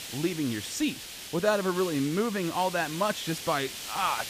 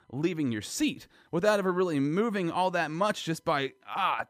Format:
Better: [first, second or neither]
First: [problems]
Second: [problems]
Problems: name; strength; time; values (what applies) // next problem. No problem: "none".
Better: second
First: hiss; loud; throughout; 8 dB below the speech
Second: none